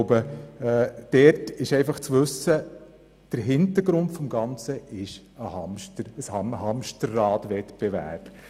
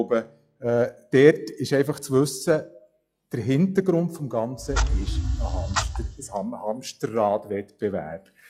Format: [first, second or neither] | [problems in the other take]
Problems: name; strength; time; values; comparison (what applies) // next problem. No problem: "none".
first | noise reduction (classical method log-MMSE)